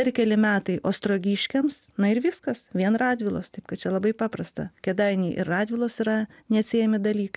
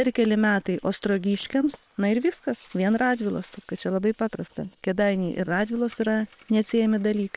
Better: first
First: none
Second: noise reduction (neural separator model SepFormer WHAM!)

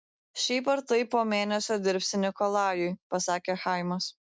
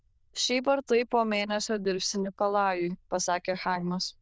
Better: first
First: none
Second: noise reduction (neural diffusion model UNIVERSE++)

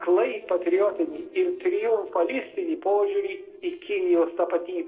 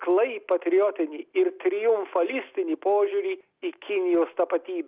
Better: second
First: noise reduction (neural separator model SepFormer DNS4)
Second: none

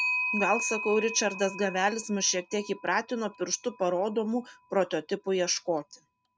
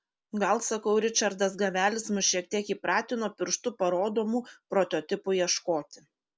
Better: second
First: noise reduction (neural mask model RNNoise)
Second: none

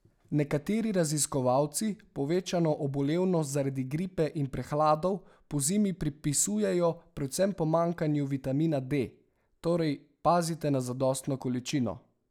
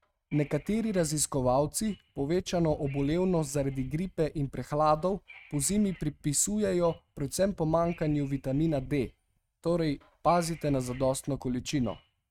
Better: first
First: none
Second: noise reduction (neural mask model RNNoise)

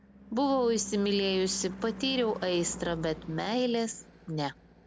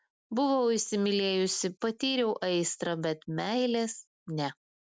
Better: second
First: background sound (Car passing by / Engine / Truck); 14 dB below the speech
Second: none

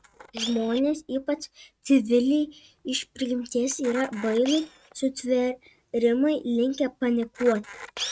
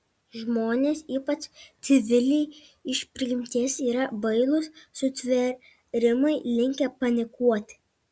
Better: second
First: noise reduction (neural mask model RNNoise)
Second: none

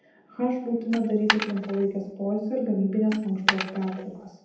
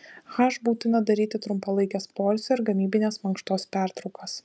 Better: second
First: background sound (Coin (dropping)); 4 dB below the speech // room echo; dies away in 0.8 s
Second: none

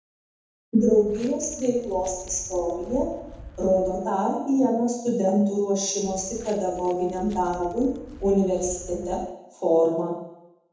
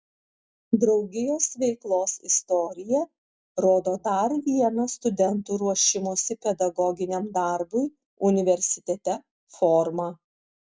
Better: second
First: background sound (Walk, footsteps); 18 dB below the speech // room echo; dies away in 0.8 s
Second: none

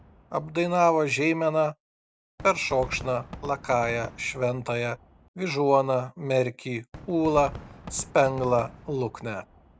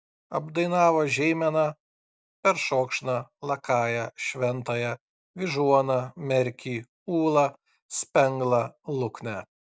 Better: second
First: background sound (Fireworks); 18 dB below the speech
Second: none

